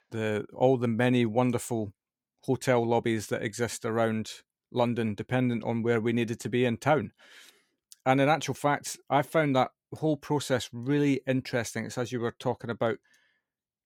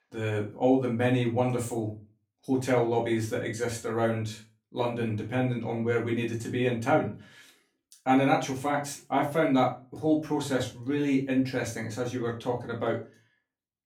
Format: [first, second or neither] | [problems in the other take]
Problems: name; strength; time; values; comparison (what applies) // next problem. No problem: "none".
first | off-mic speech; far // room echo; slight; dies away in 0.3 s